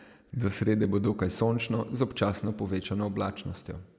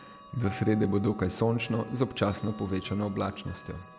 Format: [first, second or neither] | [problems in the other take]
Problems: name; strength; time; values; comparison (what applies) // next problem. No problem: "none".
first | background sound (Chime / Clock); 17 dB below the speech